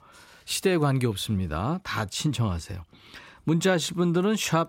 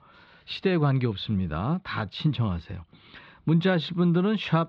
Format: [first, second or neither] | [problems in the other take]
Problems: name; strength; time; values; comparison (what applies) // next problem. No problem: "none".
first | muffled; slightly; fading above 4 kHz